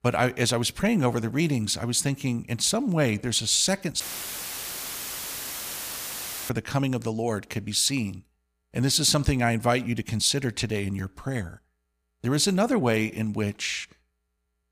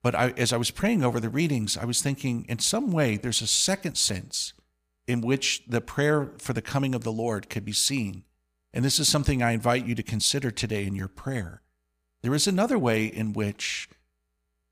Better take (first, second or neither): second